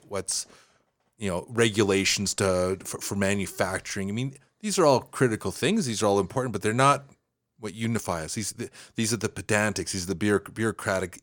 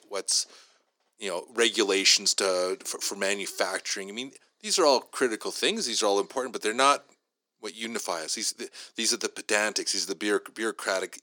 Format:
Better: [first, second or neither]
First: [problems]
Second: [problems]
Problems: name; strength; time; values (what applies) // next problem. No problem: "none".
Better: first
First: none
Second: thin; somewhat; fading below 300 Hz